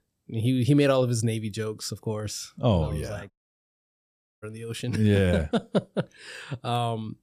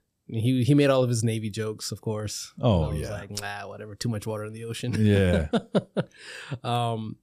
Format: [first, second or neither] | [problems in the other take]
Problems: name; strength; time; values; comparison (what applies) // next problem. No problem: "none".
second | audio cutting out; at 3.5 s for 1 s